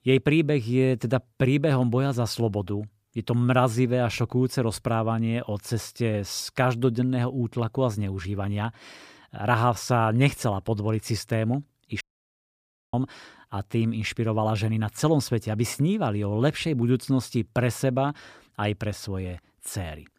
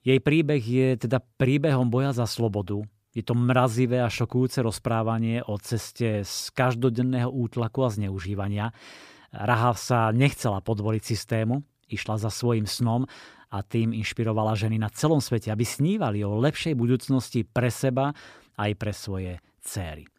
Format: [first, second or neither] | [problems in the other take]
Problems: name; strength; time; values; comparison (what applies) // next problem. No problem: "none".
second | audio cutting out; at 12 s for 1 s